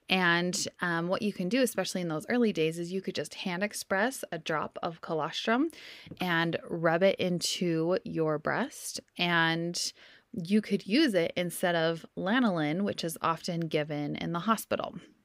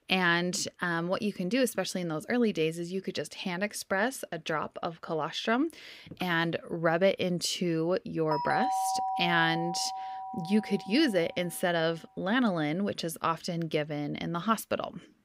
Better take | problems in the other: first | doorbell; loud; from 8.5 to 11 s; peak 1 dB above the speech

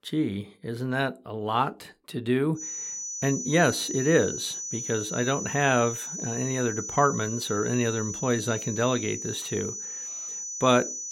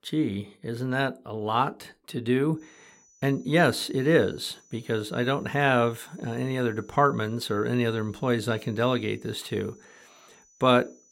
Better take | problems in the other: second | high-pitched whine; loud; from 2.5 s on; 6 kHz, 6 dB below the speech; faint in the second

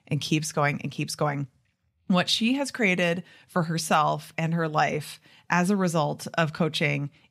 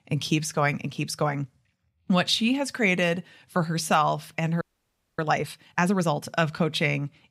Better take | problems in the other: first | audio freezing; at 4.5 s for 0.5 s

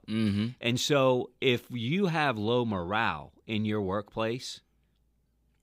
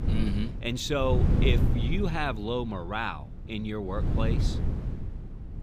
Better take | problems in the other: first | wind noise on the microphone; heavy; 8 dB below the speech

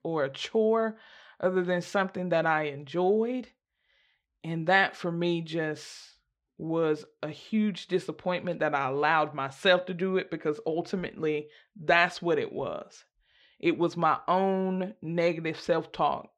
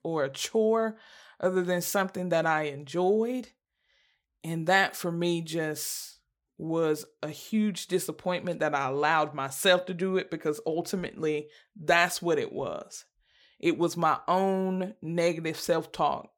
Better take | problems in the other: second | muffled; very slightly; fading above 3 kHz

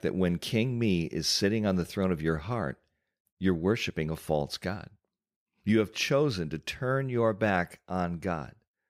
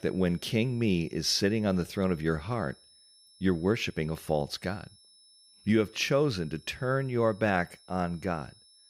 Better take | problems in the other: first | high-pitched whine; faint; throughout; 5.5 kHz, 25 dB below the speech

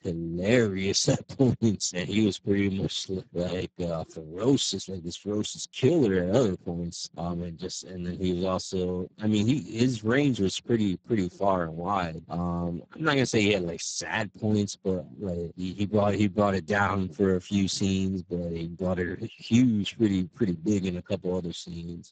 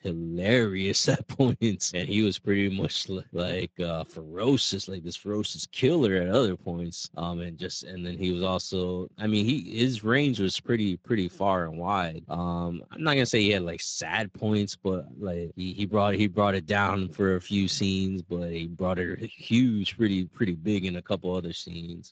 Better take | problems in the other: second | garbled, watery; badly; nothing above 7.5 kHz; slightly in the second

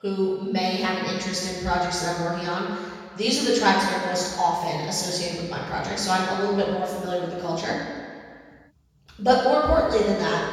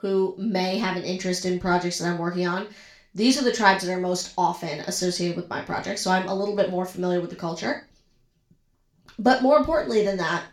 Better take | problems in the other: second | room echo; strong; dies away in 1.7 s; slight in the second // off-mic speech; far; somewhat distant in the second

